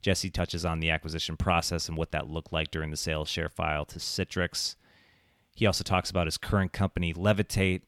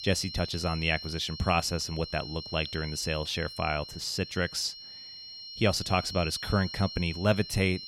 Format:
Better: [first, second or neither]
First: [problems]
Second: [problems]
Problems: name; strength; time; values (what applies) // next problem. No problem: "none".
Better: first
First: none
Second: high-pitched whine; loud; throughout; 4 kHz, 10 dB below the speech